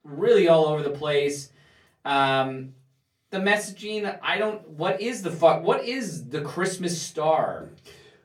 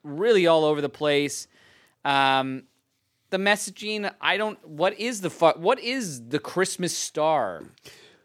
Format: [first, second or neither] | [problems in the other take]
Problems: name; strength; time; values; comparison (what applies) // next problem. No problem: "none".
second | off-mic speech; far // room echo; very slight; dies away in 0.4 s